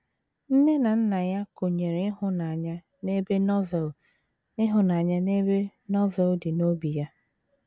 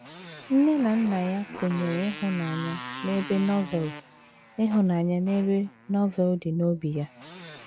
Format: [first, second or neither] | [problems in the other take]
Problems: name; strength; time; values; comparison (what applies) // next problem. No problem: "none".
first | background sound (Motorcycle); 15 dB below the speech